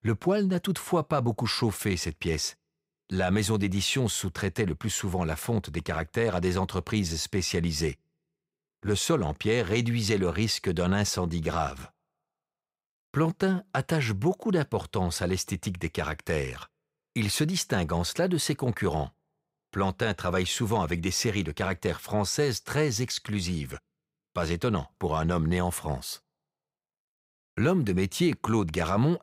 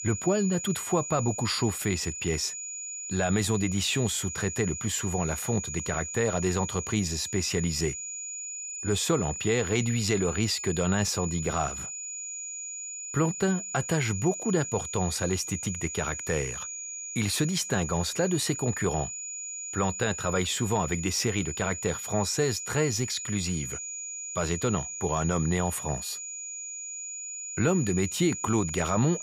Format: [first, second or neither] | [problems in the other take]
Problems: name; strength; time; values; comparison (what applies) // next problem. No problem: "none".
first | high-pitched whine; loud; throughout; 7 kHz, 6 dB below the speech